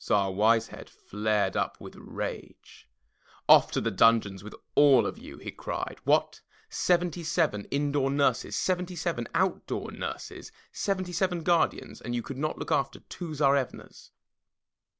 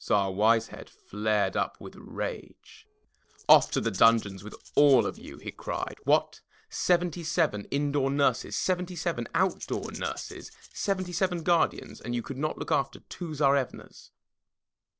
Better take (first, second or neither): first